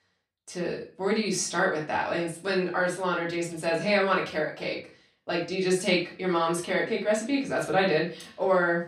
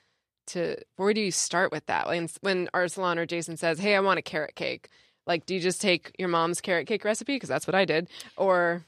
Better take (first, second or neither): second